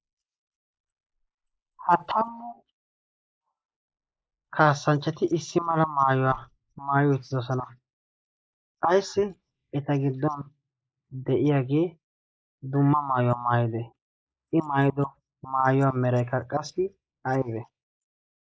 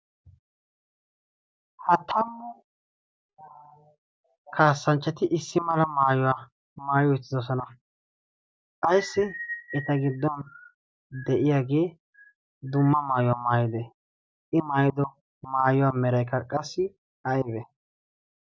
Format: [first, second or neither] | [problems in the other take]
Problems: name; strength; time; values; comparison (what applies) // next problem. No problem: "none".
second | noise reduction (neural mask model Resemble Enhance denoiser)